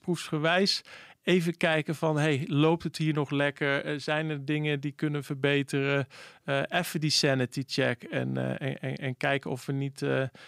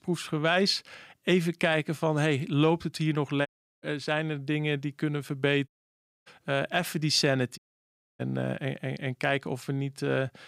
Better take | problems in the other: first | audio cutting out; at 3.5 s, at 5.5 s for 0.5 s and at 7.5 s for 0.5 s

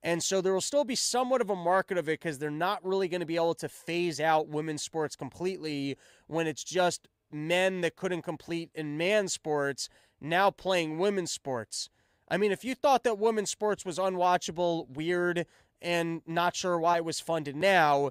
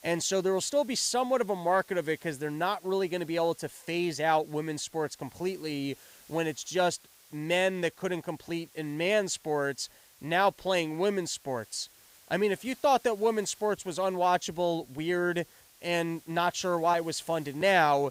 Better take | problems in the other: first | hiss; faint; throughout; 25 dB below the speech

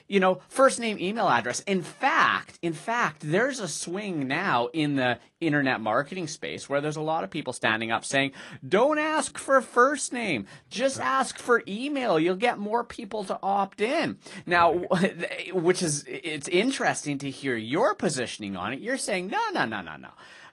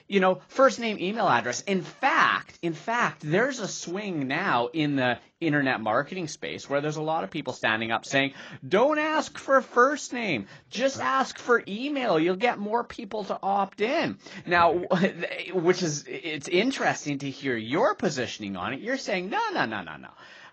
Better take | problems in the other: first | garbled, watery; badly; slightly in the first

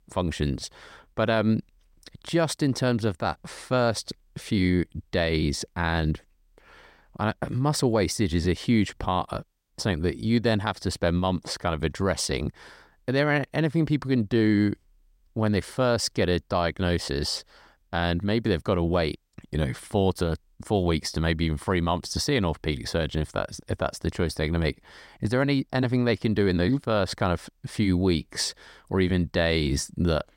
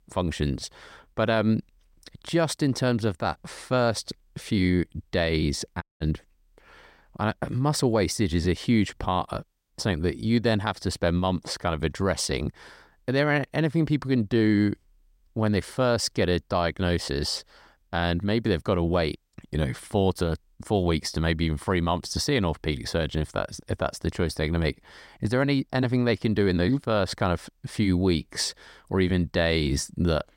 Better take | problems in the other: first | audio cutting out; at 6 s

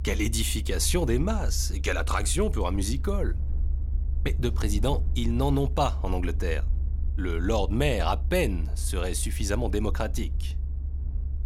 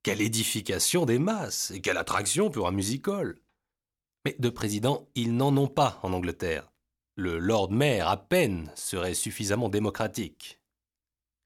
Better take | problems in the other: second | low rumble; noticeable; throughout; 20 dB below the speech

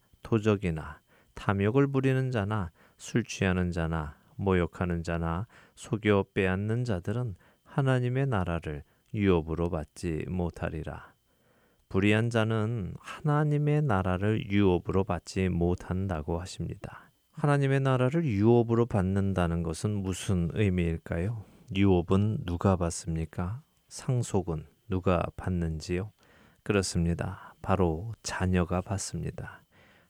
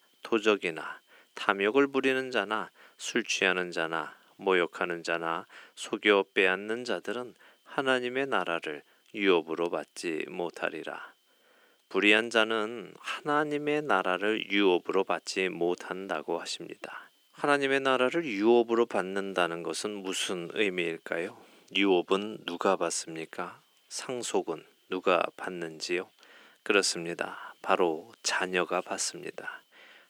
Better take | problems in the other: first | thin; somewhat; fading below 300 Hz

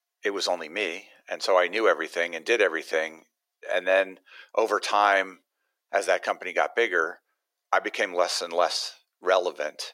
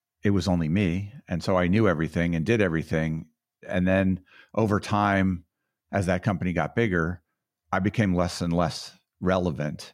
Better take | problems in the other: second | thin; very; fading below 400 Hz

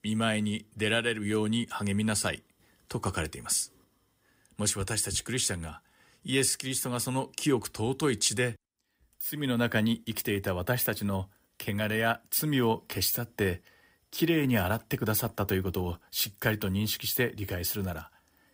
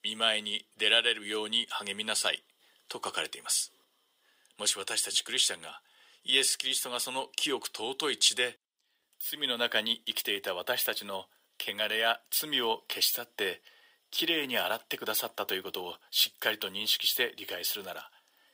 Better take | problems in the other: first | thin; very; fading below 550 Hz

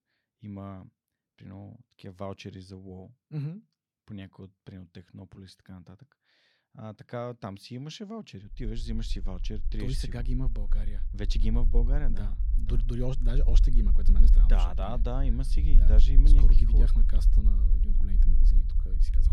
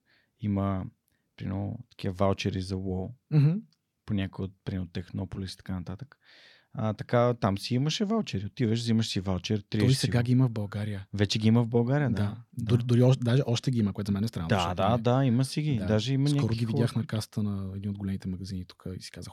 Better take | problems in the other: second | low rumble; loud; from 8.5 s on; 9 dB below the speech

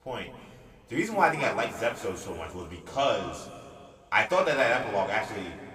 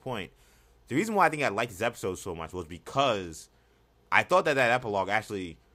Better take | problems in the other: second | room echo; noticeable; dies away in 1.9 s // off-mic speech; somewhat distant

